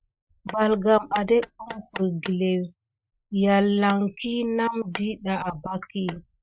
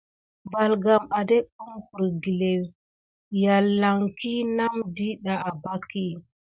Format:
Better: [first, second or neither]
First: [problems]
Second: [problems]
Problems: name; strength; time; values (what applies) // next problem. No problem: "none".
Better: second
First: noise reduction (neural mask model RNNoise)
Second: none